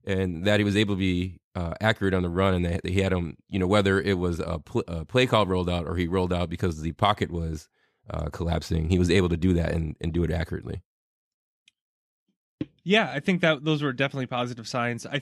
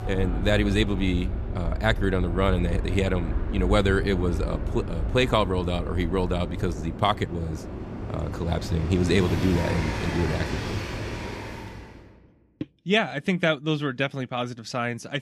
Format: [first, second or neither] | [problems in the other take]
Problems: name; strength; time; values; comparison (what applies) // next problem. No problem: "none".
first | train or aircraft noise; loud; until 11 s; 5 dB below the speech